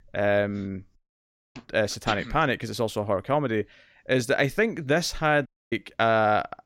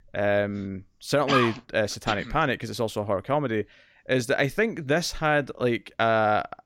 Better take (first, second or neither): second